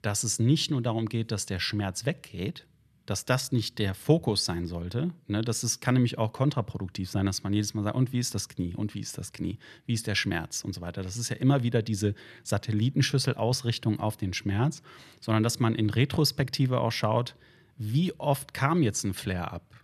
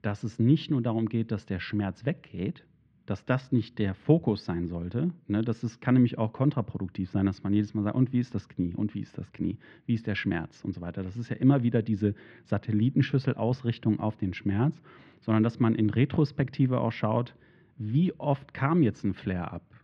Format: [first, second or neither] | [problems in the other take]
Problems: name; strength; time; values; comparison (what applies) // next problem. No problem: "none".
first | muffled; very; fading above 2.5 kHz